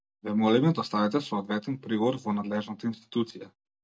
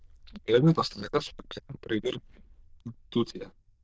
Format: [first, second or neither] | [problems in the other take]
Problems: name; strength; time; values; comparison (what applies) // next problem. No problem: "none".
first | noise reduction (neural diffusion model UNIVERSE++)